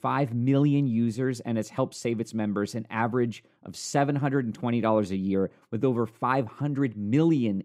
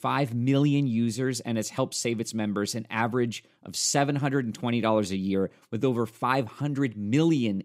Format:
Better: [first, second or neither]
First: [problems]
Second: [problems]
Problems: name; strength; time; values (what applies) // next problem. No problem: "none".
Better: second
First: muffled; slightly; fading above 2.5 kHz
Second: none